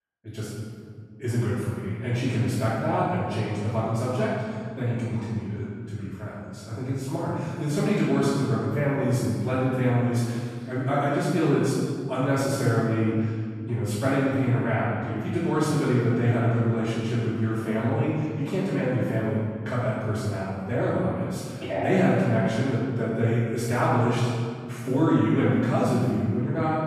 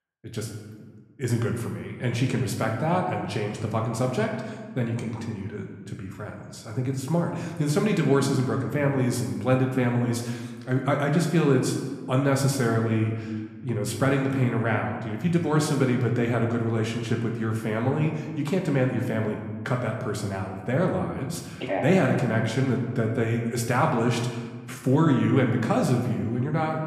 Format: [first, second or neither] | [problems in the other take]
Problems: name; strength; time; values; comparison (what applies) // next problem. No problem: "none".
second | room echo; strong; dies away in 1.8 s; slight in the second // off-mic speech; far; somewhat distant in the second